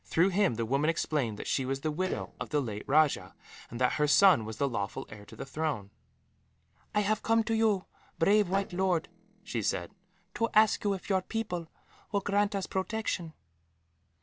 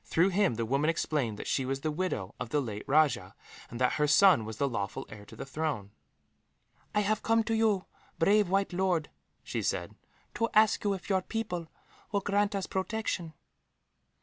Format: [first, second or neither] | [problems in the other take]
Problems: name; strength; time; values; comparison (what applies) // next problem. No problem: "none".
second | noise reduction (neural separator model SepFormer DNS4)